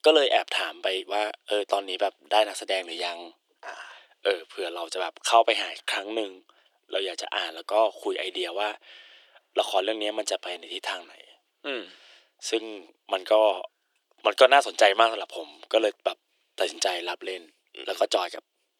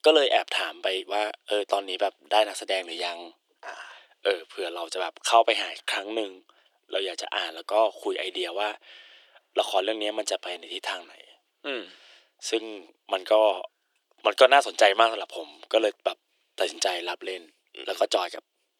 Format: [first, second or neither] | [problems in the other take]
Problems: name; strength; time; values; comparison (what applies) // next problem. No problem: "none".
neither | thin; very; fading below 350 Hz; the same in both